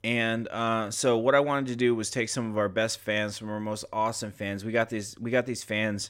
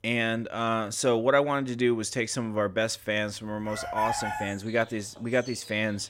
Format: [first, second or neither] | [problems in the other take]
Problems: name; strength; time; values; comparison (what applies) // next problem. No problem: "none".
first | animal sounds; loud; throughout; 8 dB below the speech